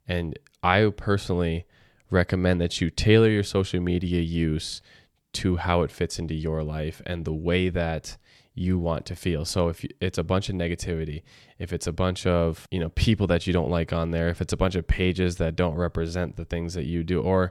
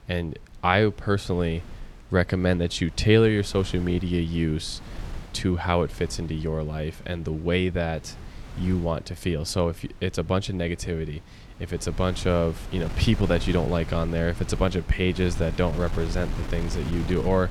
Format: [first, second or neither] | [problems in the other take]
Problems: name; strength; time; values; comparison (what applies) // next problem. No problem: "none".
first | wind noise on the microphone; occasional gusts; 15 dB below the speech